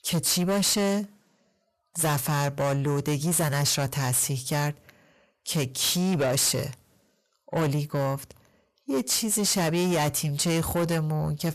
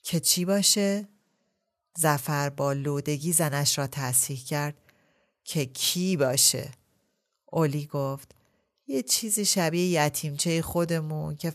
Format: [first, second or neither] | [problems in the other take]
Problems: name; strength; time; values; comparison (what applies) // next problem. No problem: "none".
second | distortion; heavy; 7 dB below the speech